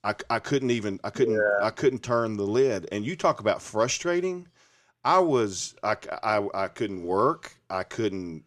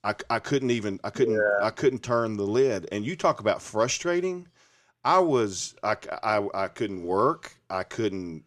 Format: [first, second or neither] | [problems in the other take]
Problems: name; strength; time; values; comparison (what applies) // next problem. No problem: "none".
neither | none